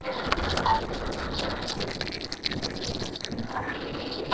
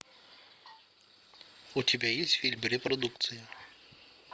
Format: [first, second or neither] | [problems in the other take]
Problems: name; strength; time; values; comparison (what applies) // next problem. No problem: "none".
second | noise reduction (neural separator model SepFormer DNS4)